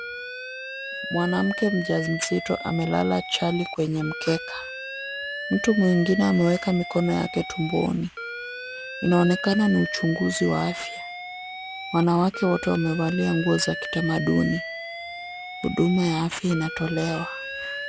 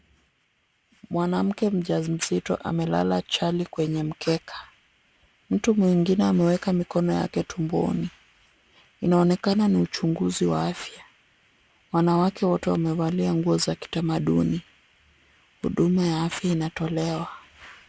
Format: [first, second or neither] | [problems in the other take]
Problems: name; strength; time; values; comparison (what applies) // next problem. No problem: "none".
second | background sound (Alarm); 9 dB below the speech